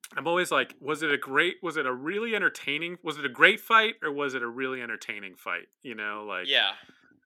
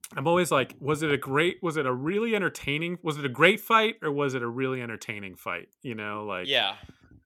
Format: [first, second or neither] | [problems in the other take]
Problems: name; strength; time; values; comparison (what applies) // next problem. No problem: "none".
second | thin; somewhat; fading below 250 Hz